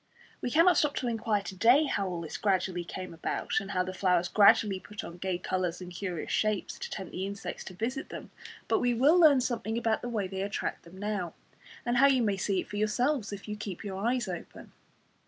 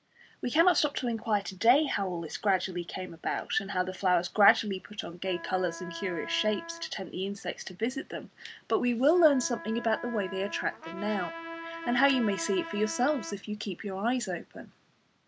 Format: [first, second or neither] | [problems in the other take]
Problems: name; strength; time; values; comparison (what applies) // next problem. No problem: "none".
first | background sound (Trumpet + Wind instrument, woodwind instrument); 12 dB below the speech